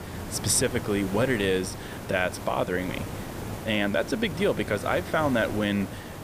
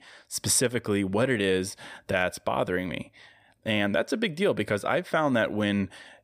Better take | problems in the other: second | hiss; loud; throughout; 10 dB below the speech

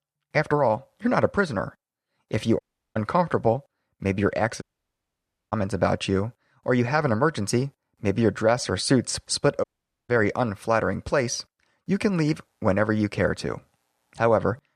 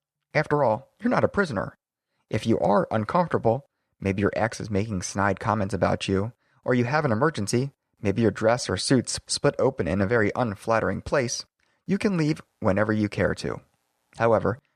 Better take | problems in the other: second | audio cutting out; at 2.5 s, at 4.5 s for 1 s and at 9.5 s

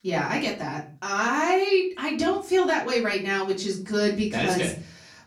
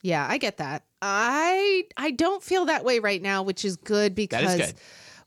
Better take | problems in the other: second | off-mic speech; far // room echo; very slight; dies away in 0.3 s

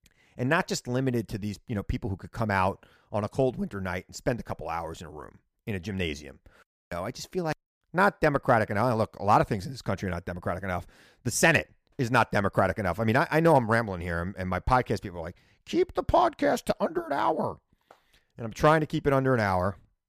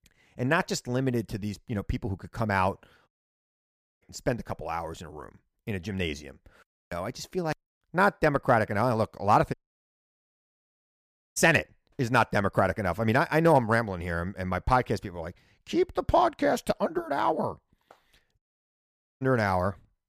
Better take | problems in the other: first | audio cutting out; at 3 s for 1 s, at 9.5 s for 2 s and at 18 s for 1 s

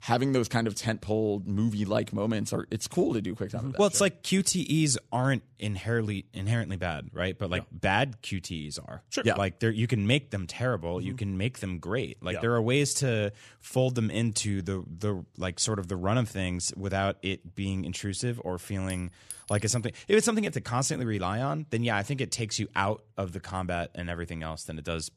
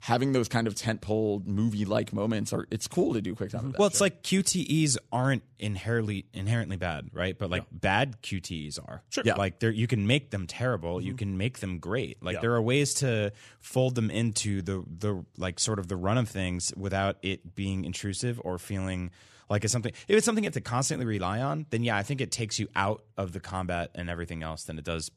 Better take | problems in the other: second | clattering dishes; faint; at 19 s; peak 10 dB below the speech

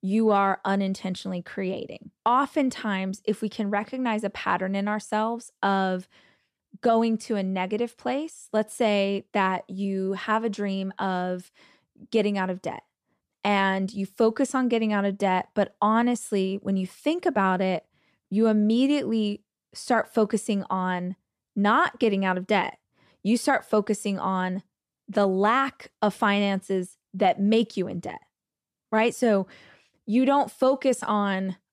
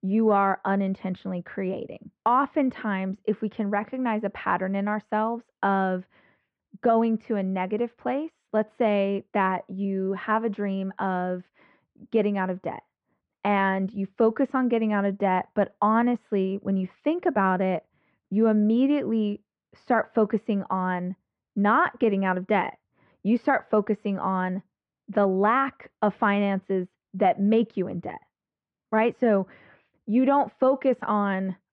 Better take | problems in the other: first | muffled; very; fading above 2 kHz

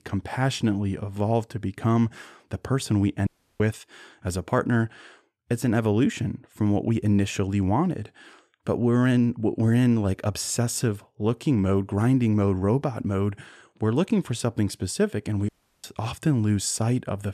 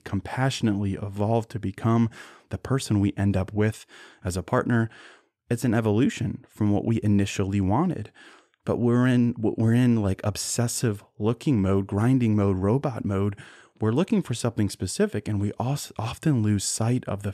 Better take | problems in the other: second | audio cutting out; at 3.5 s and at 15 s

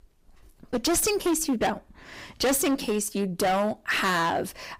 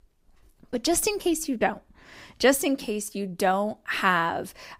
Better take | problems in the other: second | distortion; heavy; 13% of the sound clipped

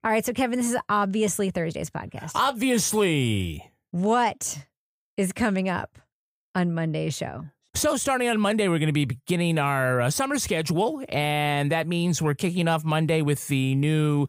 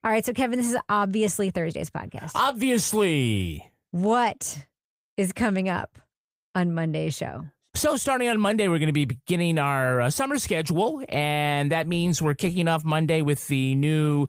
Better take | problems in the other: first | garbled, watery; slightly; nothing above 15.5 kHz

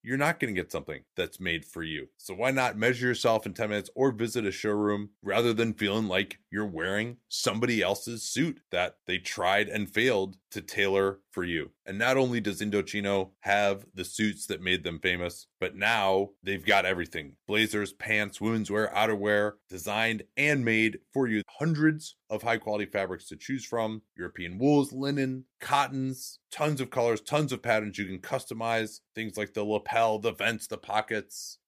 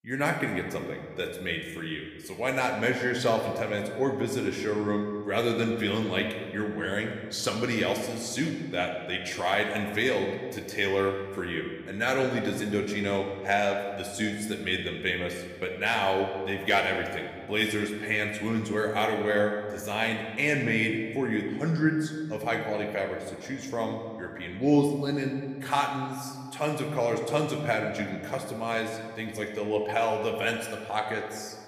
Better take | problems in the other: first | room echo; slight; dies away in 1.5 s

